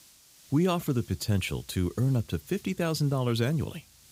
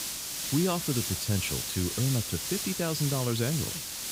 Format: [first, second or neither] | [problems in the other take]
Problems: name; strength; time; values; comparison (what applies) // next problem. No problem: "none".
first | hiss; loud; throughout; 1 dB below the speech; faint in the first